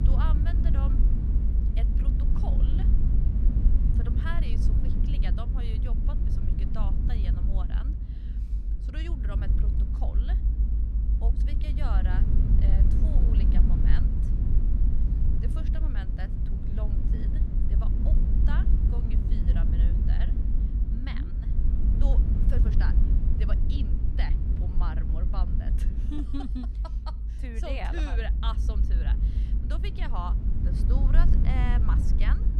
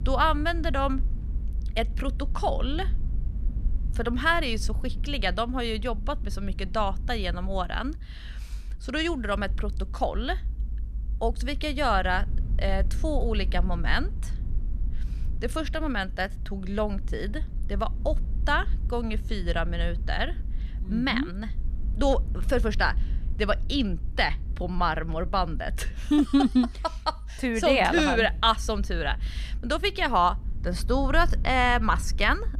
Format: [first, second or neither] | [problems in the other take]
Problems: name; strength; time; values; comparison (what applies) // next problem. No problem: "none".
second | low rumble; loud; throughout; 2 dB below the speech; faint in the second